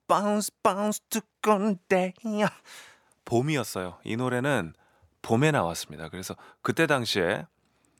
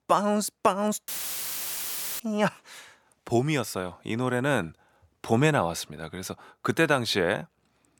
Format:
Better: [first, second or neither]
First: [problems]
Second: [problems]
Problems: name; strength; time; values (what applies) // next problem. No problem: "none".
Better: first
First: none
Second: audio cutting out; filled with static; at 1 s for 1 s